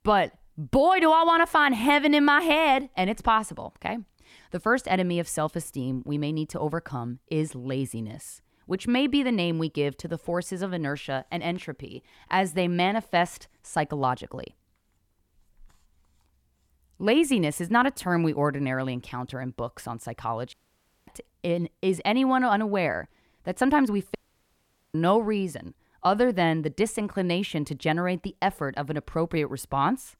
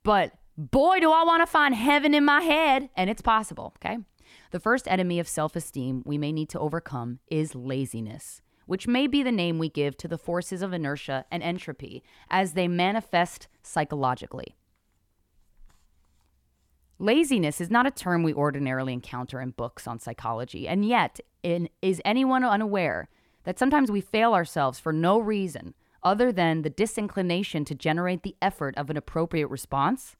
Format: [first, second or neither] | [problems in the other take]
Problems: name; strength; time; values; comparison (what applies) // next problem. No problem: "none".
second | audio cutting out; at 21 s for 0.5 s and at 24 s for 1 s